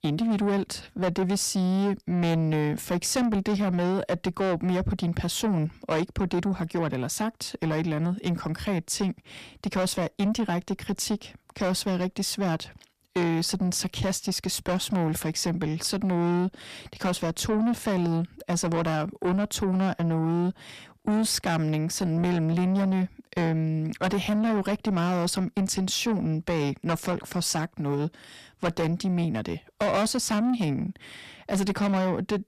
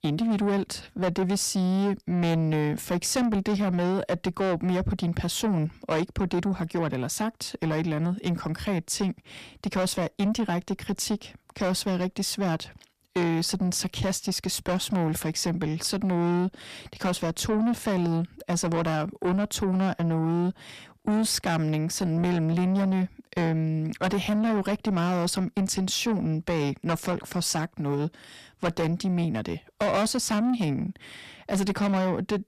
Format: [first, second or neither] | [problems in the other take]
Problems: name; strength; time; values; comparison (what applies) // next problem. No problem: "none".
neither | distortion; heavy; 7 dB below the speech; the same in both